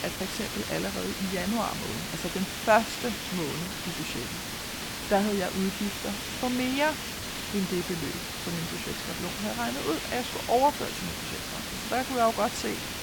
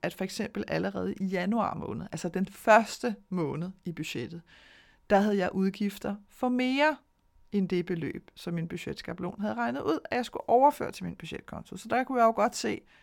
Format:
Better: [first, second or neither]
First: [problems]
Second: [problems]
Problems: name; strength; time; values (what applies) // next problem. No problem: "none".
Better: second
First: hiss; loud; throughout; 3 dB below the speech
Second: none